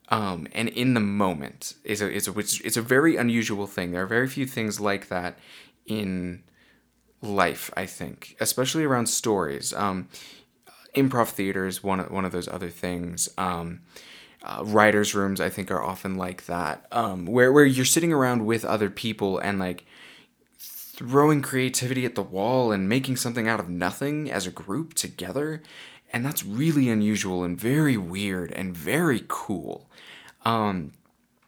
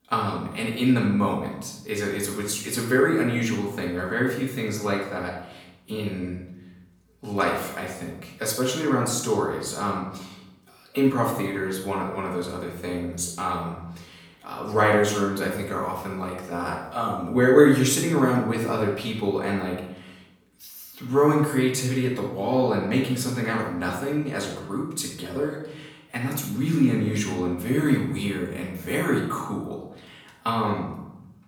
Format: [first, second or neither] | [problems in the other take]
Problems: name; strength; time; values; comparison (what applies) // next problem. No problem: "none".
first | off-mic speech; far // room echo; noticeable; dies away in 0.7 s